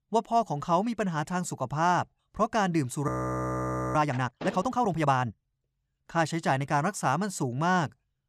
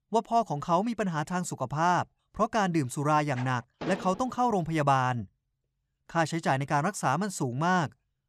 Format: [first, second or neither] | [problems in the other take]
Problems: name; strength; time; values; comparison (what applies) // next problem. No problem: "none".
second | audio freezing; at 3 s for 1 s